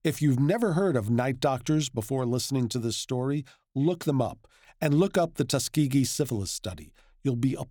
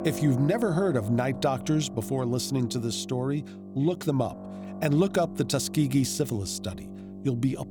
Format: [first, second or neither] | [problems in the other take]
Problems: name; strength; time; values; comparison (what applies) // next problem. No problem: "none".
first | background music; noticeable; throughout; 10 dB below the speech